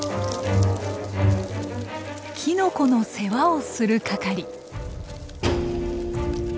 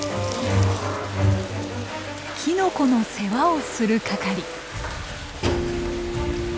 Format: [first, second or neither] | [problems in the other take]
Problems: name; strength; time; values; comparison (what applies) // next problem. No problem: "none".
first | background sound (Toilet flush / Water); 12 dB below the speech